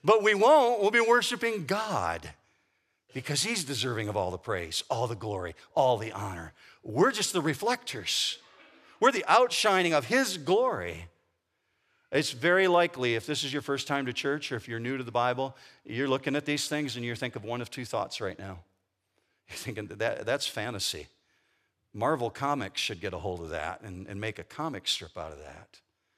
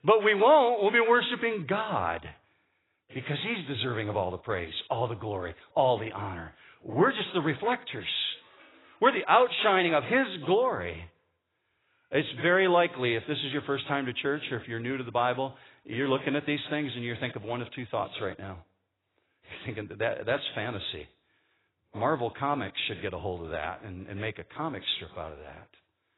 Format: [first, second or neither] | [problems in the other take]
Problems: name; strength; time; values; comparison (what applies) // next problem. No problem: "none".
first | garbled, watery; badly; nothing above 4 kHz